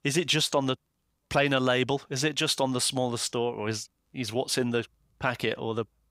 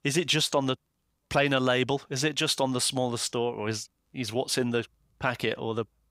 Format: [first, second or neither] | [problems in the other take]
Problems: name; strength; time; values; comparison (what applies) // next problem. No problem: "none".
neither | none